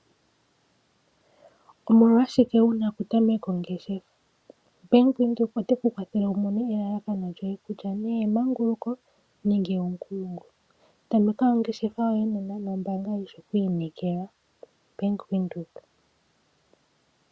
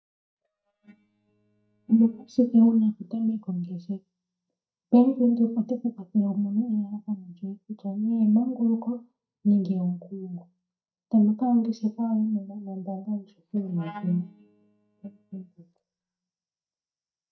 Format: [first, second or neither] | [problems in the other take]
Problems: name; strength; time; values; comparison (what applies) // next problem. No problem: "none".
first | noise reduction (neural mask model DeepFilterNet 3)